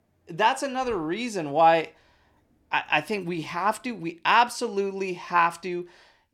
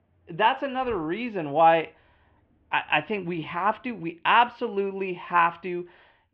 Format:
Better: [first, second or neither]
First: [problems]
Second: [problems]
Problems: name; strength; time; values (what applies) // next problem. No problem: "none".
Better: first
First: none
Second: muffled; very; fading above 3 kHz